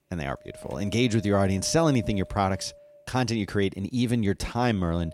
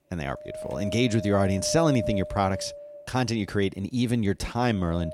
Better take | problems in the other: first | wind noise on the microphone; heavy; 6 dB below the speech; occasional gusts in the first

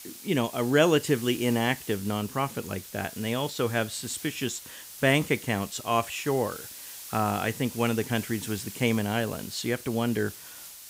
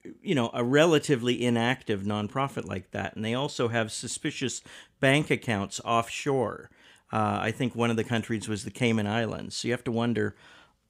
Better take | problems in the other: second | hiss; noticeable; throughout; 15 dB below the speech

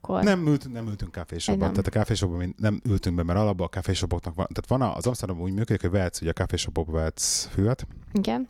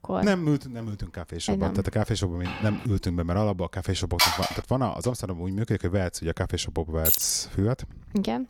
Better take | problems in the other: first | footsteps; noticeable; at 2.5 s; peak 8 dB below the speech // phone ringing; loud; at 4 s; peak 6 dB above the speech // jangling keys; loud; at 7 s; peak 6 dB above the speech

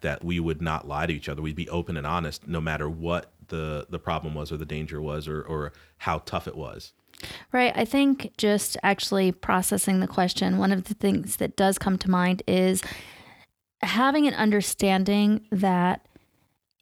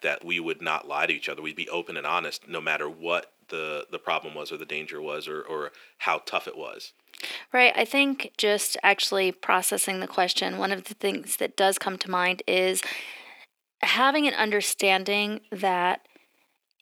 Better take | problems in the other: first | thin; somewhat; fading below 350 Hz

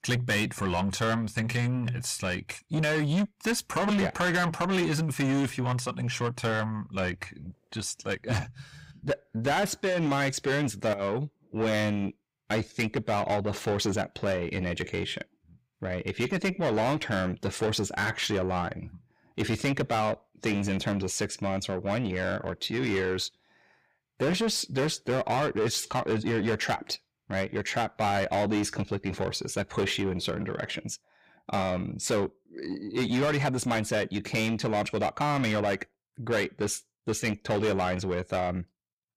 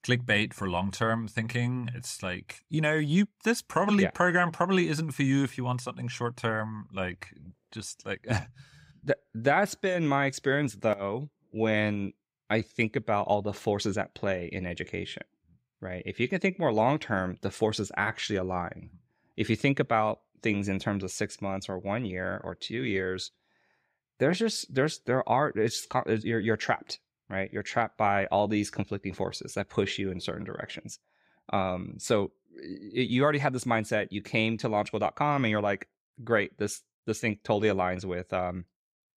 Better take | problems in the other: second | distortion; heavy; 7 dB below the speech

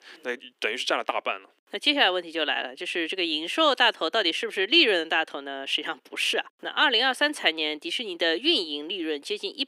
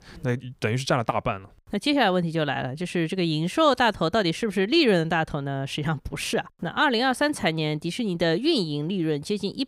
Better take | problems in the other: second | thin; somewhat; fading below 300 Hz

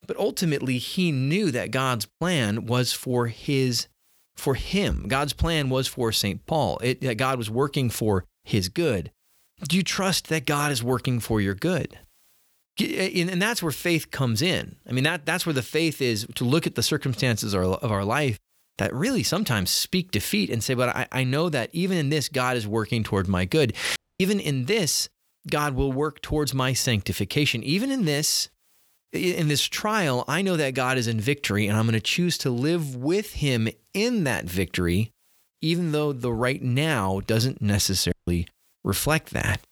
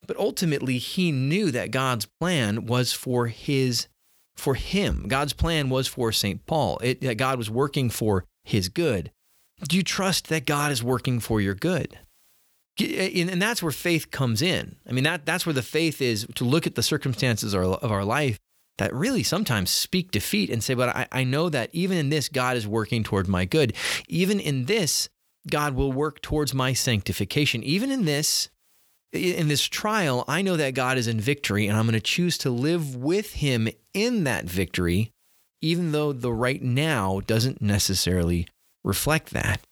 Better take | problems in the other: second | audio cutting out; at 24 s and at 38 s

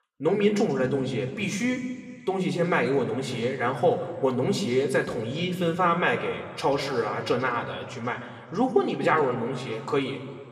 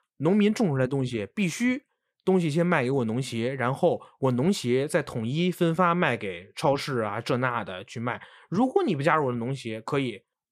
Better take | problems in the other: second | room echo; slight; dies away in 2 s

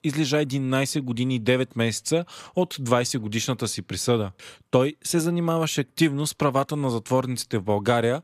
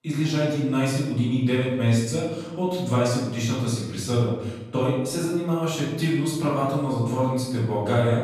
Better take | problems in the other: first | room echo; noticeable; dies away in 1 s // off-mic speech; far

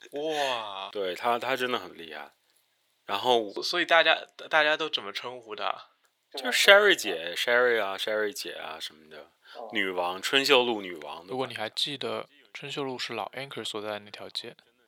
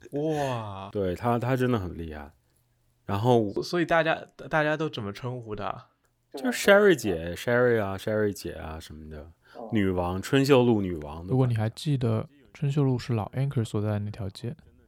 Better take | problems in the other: second | thin; very; fading below 550 Hz

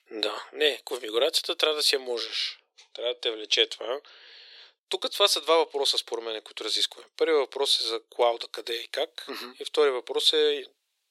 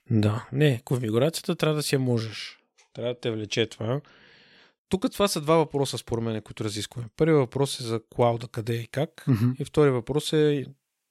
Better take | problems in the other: second | thin; very; fading below 400 Hz

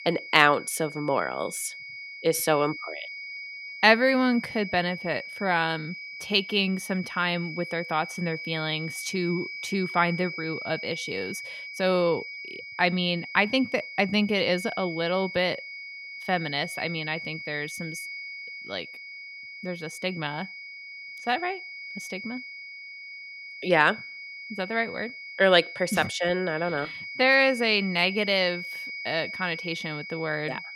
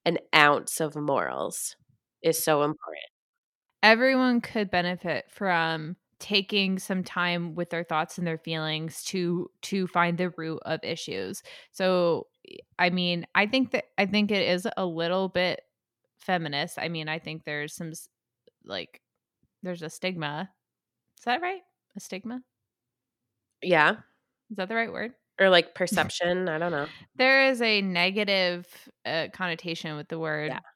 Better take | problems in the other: second | high-pitched whine; noticeable; throughout; 2 kHz, 10 dB below the speech

